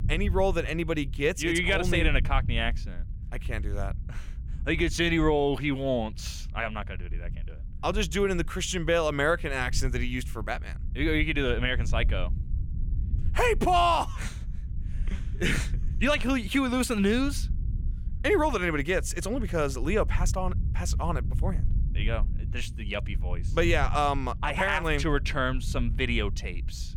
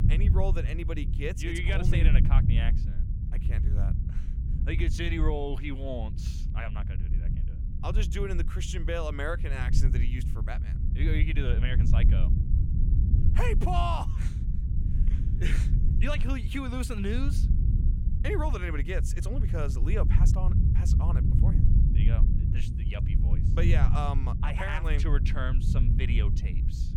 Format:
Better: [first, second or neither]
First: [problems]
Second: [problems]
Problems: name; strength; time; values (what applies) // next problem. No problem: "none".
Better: first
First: low rumble; faint; throughout; 25 dB below the speech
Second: low rumble; loud; throughout; 7 dB below the speech